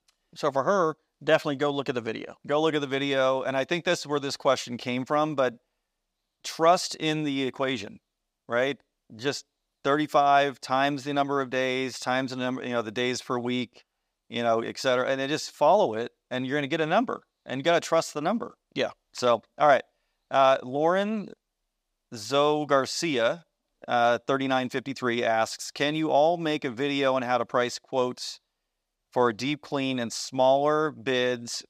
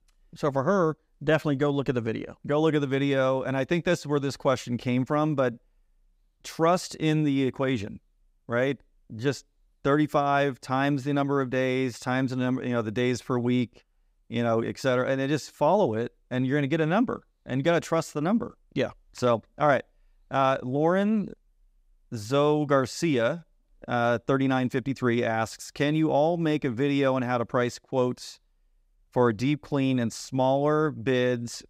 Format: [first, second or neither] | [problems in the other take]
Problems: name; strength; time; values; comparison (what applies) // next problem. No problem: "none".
second | thin; very slightly; fading below 700 Hz